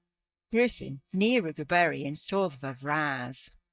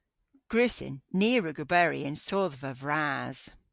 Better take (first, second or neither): second